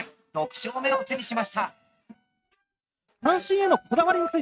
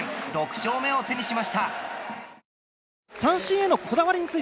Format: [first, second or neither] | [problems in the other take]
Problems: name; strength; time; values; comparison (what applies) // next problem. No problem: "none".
second | noise reduction (neural mask model RNNoise)